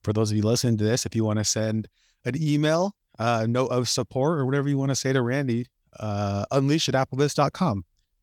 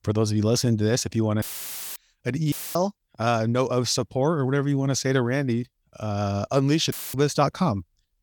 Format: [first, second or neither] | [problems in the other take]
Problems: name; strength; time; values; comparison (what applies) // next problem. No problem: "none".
first | audio cutting out; filled with static; at 1.5 s for 0.5 s, at 2.5 s and at 7 s